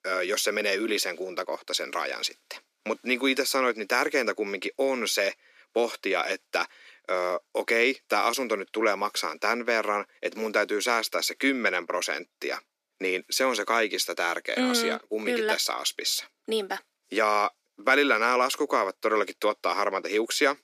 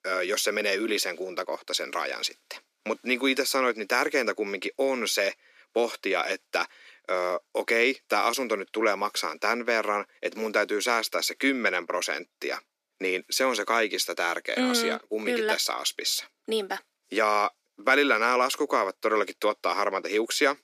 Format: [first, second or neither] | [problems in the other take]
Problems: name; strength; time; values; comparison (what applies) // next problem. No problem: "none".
neither | thin; somewhat; fading below 250 Hz; the same in both